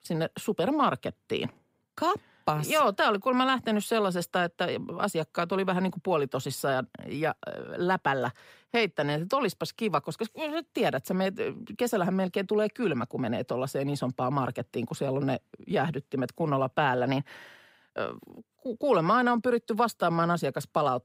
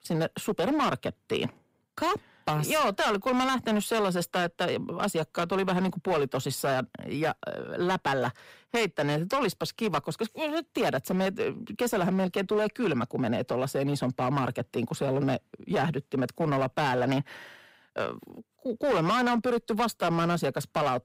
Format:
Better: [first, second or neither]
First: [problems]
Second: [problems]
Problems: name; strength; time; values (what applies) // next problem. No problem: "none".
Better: first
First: none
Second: distortion; slight; 11% of the sound clipped